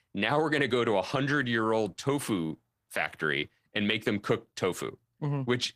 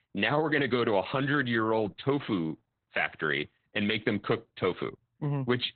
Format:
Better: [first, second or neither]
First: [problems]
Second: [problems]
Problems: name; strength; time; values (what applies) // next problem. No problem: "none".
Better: first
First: garbled, watery; slightly; nothing above 15 kHz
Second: garbled, watery; badly; nothing above 4 kHz